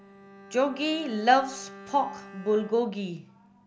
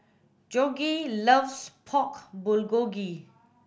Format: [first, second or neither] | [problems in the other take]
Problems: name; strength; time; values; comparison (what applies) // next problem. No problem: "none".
second | background sound (Bowed string instrument); 19 dB below the speech